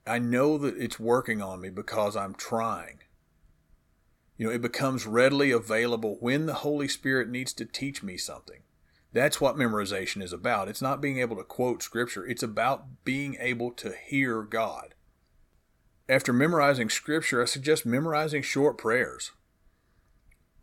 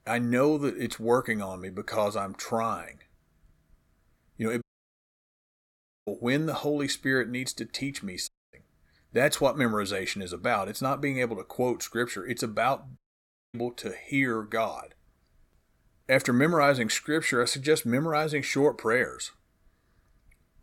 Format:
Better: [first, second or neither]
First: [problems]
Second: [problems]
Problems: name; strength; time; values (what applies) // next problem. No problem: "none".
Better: first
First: none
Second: audio cutting out; at 4.5 s for 1.5 s, at 8.5 s and at 13 s for 0.5 s